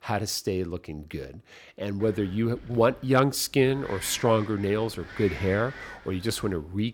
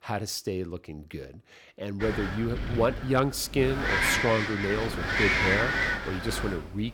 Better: first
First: wind noise on the microphone; occasional gusts; from 2 s on; 15 dB below the speech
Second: wind noise on the microphone; heavy; from 2 s on; 5 dB above the speech

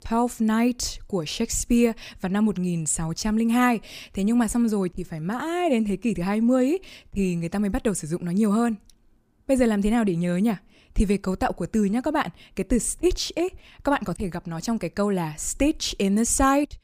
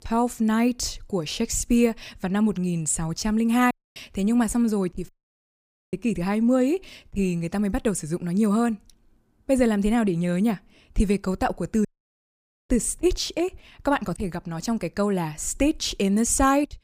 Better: first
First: none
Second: audio cutting out; at 3.5 s, at 5 s for 1 s and at 12 s for 1 s

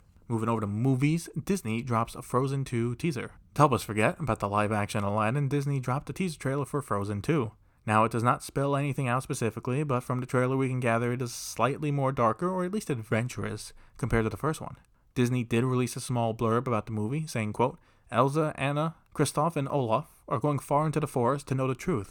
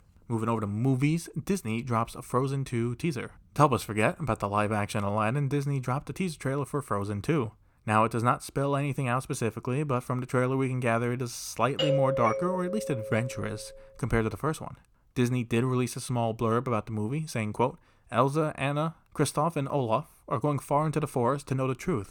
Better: first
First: none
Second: doorbell; loud; from 12 to 13 s; peak 2 dB above the speech

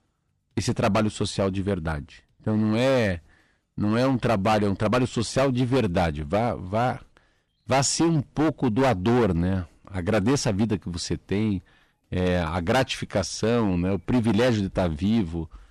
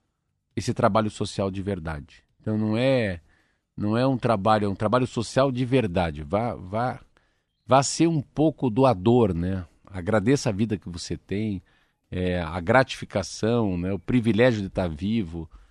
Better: second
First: distortion; heavy; 11% of the sound clipped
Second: none

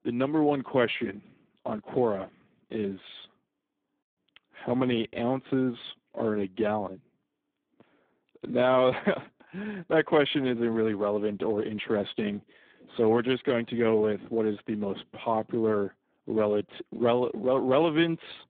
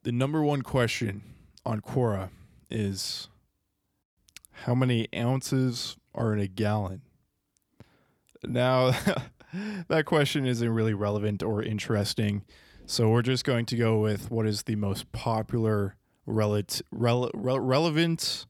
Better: second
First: phone-call audio; poor line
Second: none

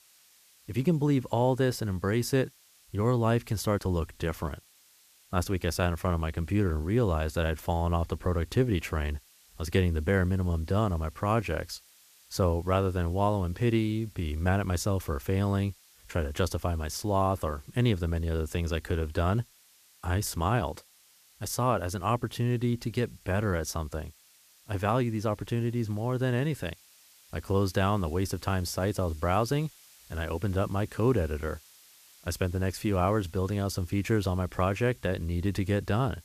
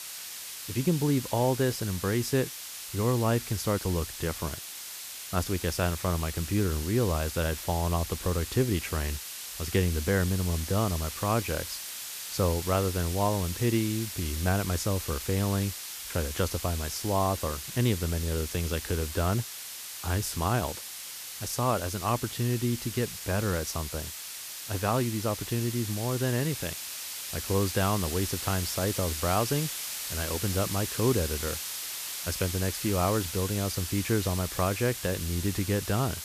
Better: first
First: hiss; faint; throughout; 25 dB below the speech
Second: hiss; loud; throughout; 6 dB below the speech

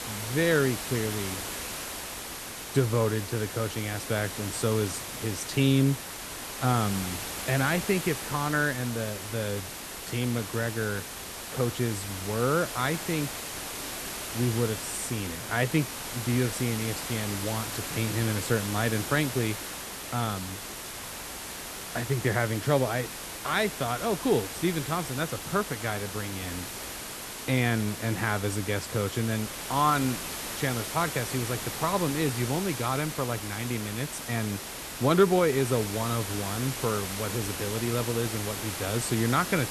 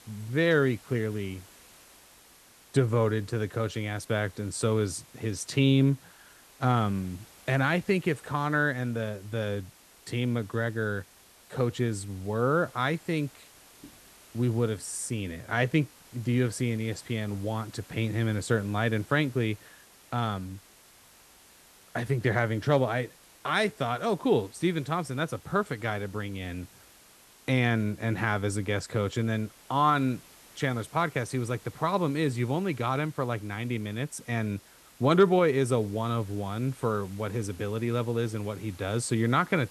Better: second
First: hiss; loud; throughout; 6 dB below the speech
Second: hiss; faint; throughout; 25 dB below the speech

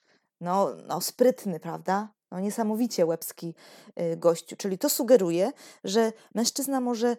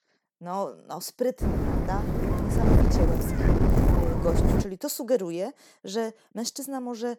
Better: first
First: none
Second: wind noise on the microphone; heavy; from 1.5 to 4.5 s; 1 dB above the speech

